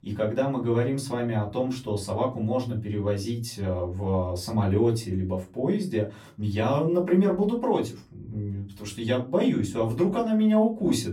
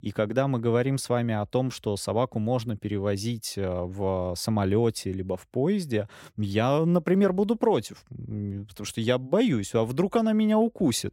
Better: second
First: off-mic speech; far // room echo; very slight; dies away in 0.2 s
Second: none

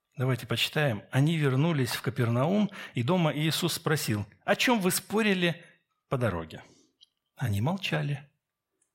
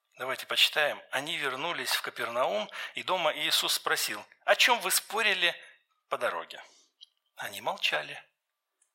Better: first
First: none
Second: thin; very; fading below 850 Hz

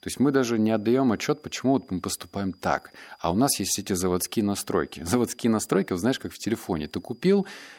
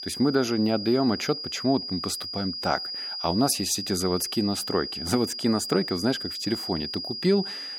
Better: first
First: high-pitched whine; faint; throughout; 5 kHz, 35 dB below the speech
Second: high-pitched whine; loud; throughout; 5 kHz, 5 dB below the speech

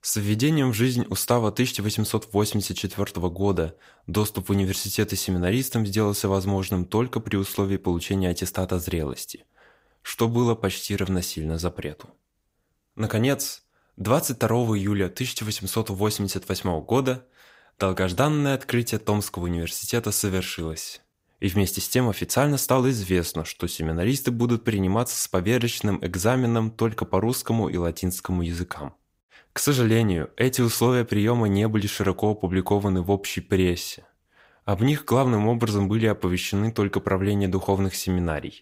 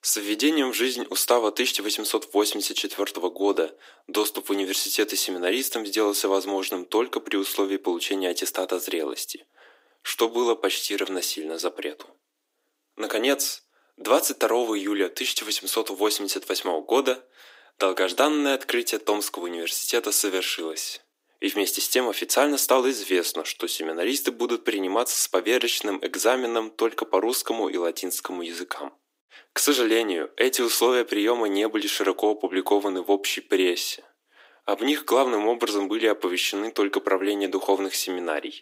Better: first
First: none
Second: thin; somewhat; fading below 300 Hz

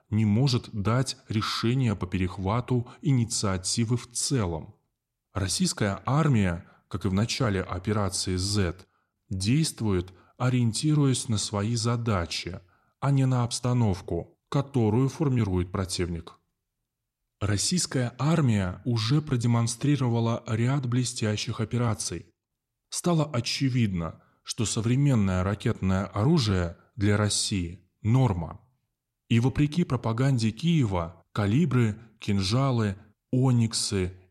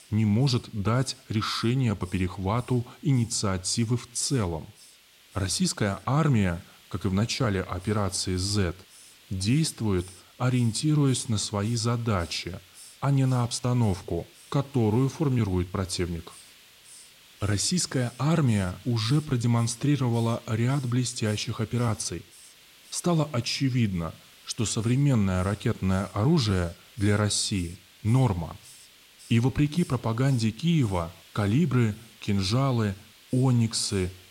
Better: first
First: none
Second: hiss; faint; throughout; 20 dB below the speech

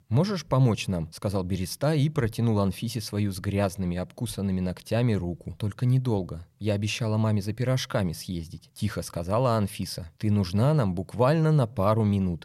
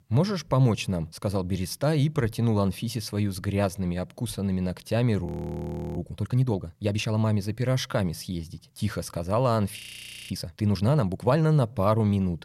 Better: first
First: none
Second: audio freezing; at 5.5 s for 0.5 s and at 10 s for 0.5 s

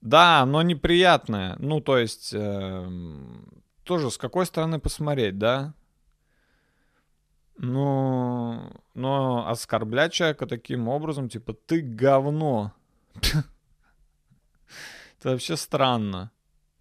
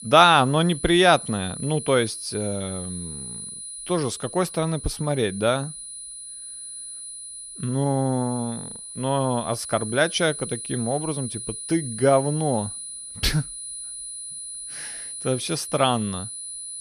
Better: first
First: none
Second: high-pitched whine; loud; throughout; 10 kHz, 10 dB below the speech

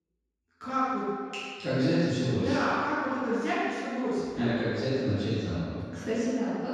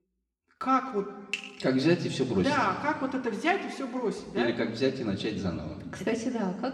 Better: second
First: room echo; strong; dies away in 1.8 s // off-mic speech; far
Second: room echo; slight; dies away in 1.9 s // off-mic speech; somewhat distant

